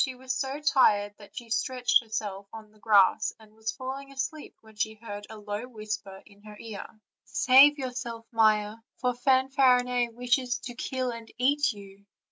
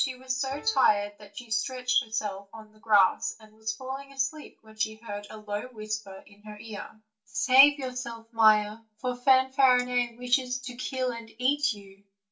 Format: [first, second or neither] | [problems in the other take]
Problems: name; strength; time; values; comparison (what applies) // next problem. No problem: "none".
first | background sound (Piano); 19 dB below the speech // room echo; dies away in 0.2 s